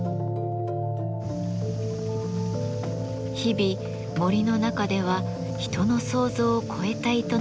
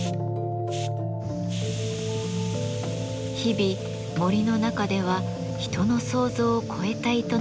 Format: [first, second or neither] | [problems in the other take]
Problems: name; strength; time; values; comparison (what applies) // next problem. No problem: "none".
first | background sound (Hiss); 20 dB below the speech